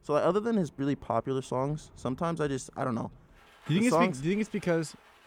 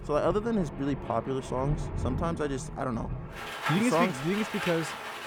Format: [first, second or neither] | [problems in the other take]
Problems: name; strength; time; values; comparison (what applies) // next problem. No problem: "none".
first | rain or running water; loud; throughout; 6 dB below the speech; faint in the first